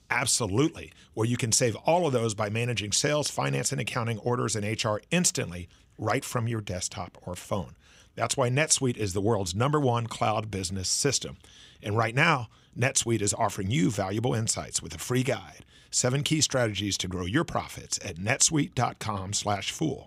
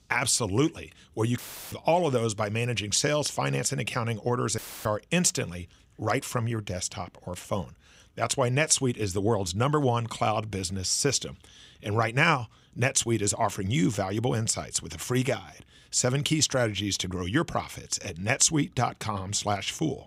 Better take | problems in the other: first | audio cutting out; filled with static; at 1.5 s and at 4.5 s

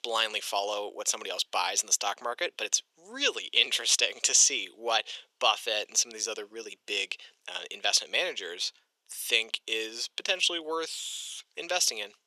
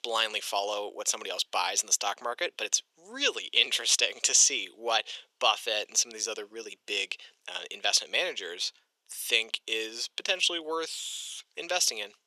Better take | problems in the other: neither | thin; very; fading below 450 Hz; the same in both

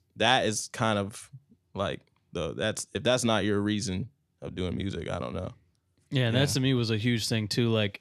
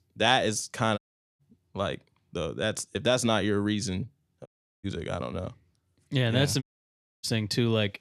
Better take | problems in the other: first | audio cutting out; at 1 s, at 4.5 s and at 6.5 s for 0.5 s

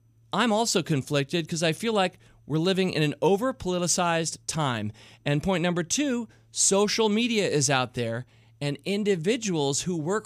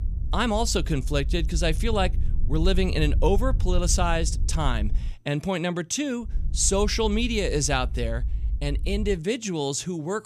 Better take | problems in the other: first | low rumble; faint; until 5 s and from 6.5 to 9 s; 20 dB below the speech

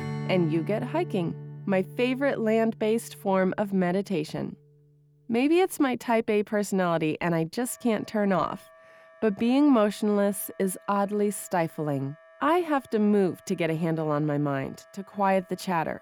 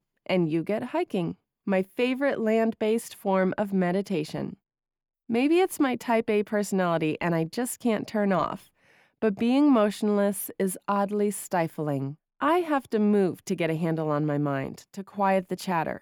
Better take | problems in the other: second | background music; noticeable; throughout; 20 dB below the speech

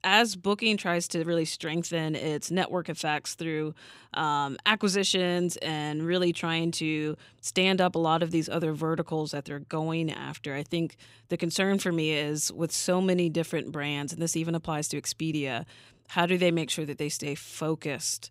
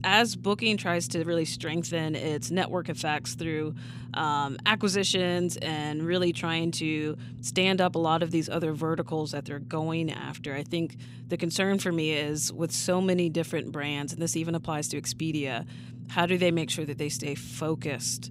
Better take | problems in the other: first | low rumble; faint; throughout; 25 dB below the speech

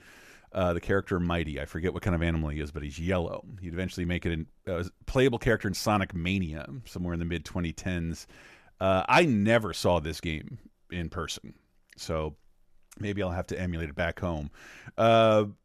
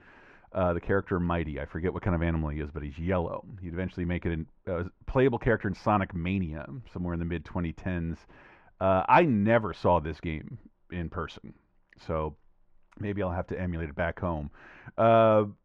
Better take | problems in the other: first | muffled; very; fading above 2 kHz

